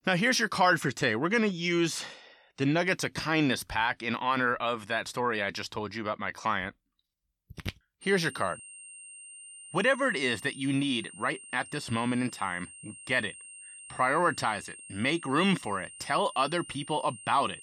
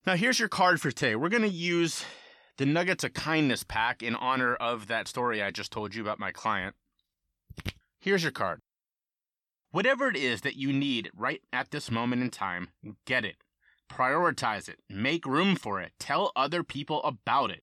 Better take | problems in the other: second | high-pitched whine; noticeable; from 8 s on; 8.5 kHz, 15 dB below the speech

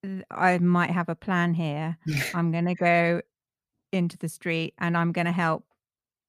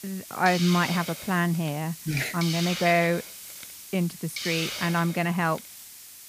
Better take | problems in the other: first | hiss; loud; throughout; 8 dB below the speech

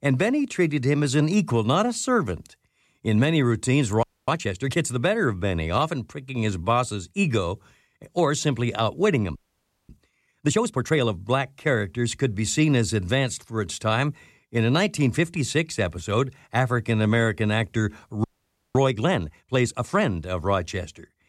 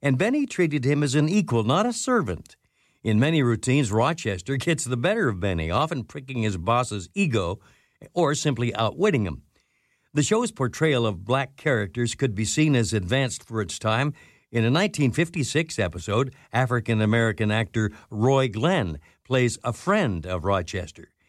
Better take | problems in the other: second | audio freezing; at 4 s, at 9.5 s for 0.5 s and at 18 s for 0.5 s

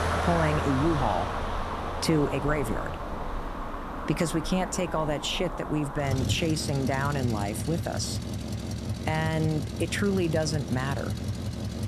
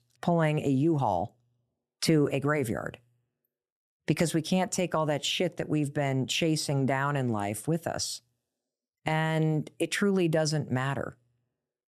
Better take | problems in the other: second | traffic noise; loud; throughout; 4 dB below the speech

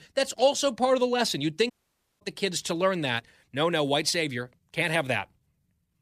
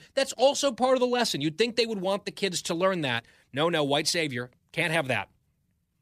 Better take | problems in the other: second | audio cutting out; at 1.5 s for 0.5 s

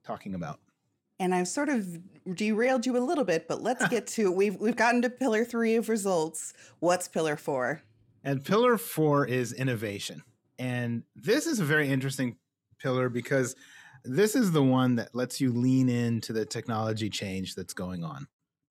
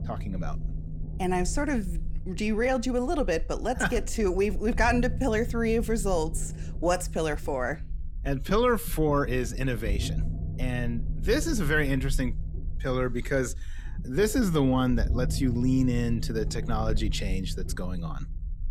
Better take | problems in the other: first | low rumble; noticeable; throughout; 20 dB below the speech

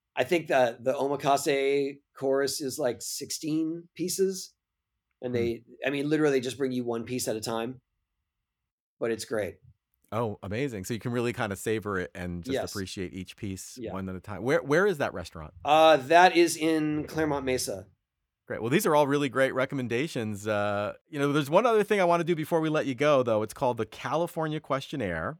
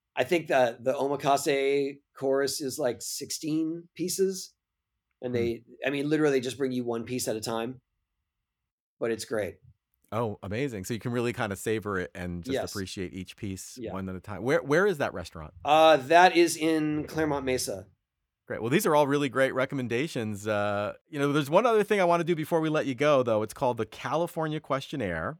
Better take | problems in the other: neither | none

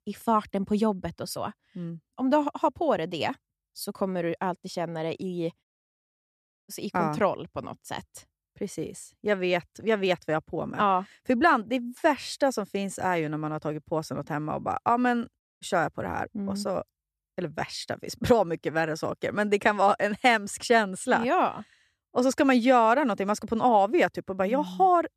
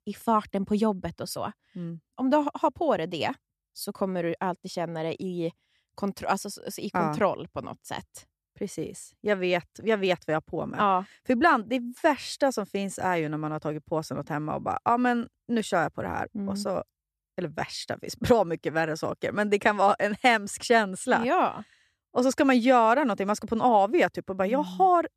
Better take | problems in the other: second | audio cutting out; at 5.5 s for 1 s and at 15 s

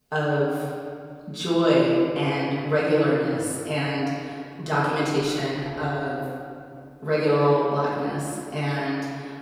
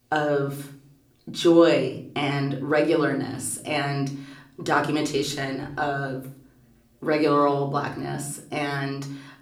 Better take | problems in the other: second | room echo; strong; dies away in 2.1 s; slight in the second // off-mic speech; far; somewhat distant in the second

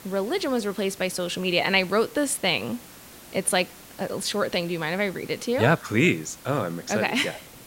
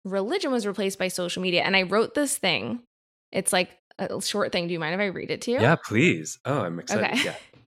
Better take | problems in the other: second | hiss; noticeable; throughout; 20 dB below the speech

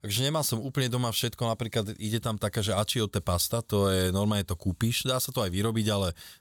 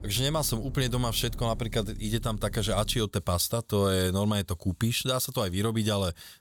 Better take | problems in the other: first | low rumble; faint; until 3 s; 25 dB below the speech

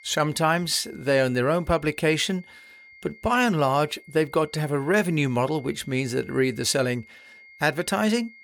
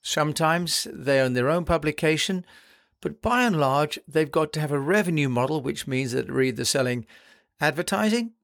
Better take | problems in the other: second | high-pitched whine; faint; throughout; 2 kHz, 25 dB below the speech

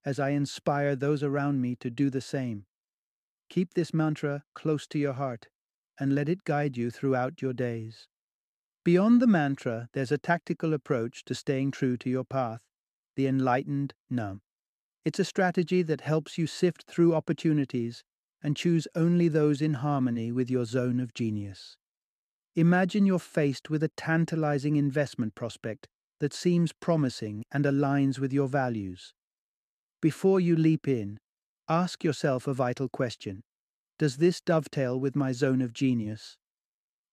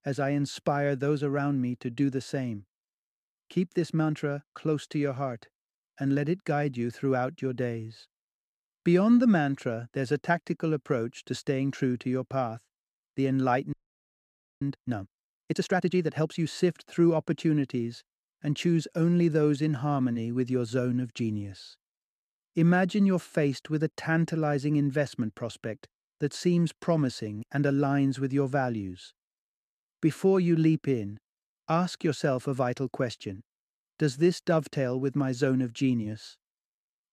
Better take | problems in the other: first | audio freezing; at 14 s for 1 s

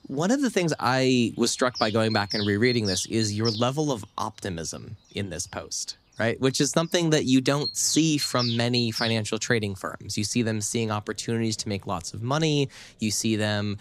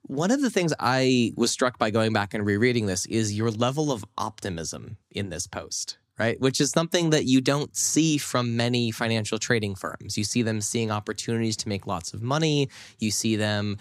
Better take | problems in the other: second | animal sounds; loud; throughout; 6 dB below the speech

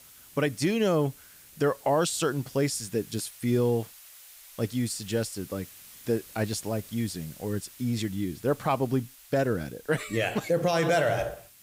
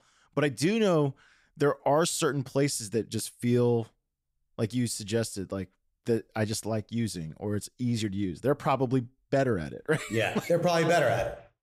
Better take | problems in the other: second | hiss; noticeable; throughout; 20 dB below the speech

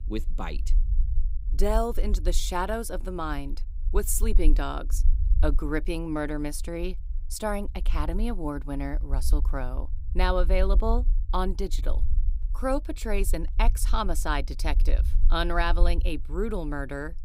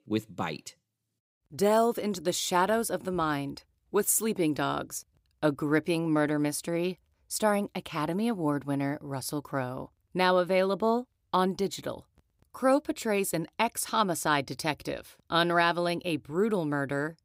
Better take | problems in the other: second | low rumble; faint; throughout; 20 dB below the speech

